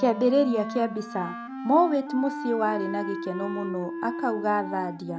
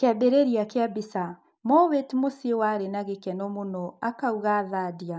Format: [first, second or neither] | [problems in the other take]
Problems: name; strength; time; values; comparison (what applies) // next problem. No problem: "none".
second | background sound (Wind instrument, woodwind instrument); 8 dB below the speech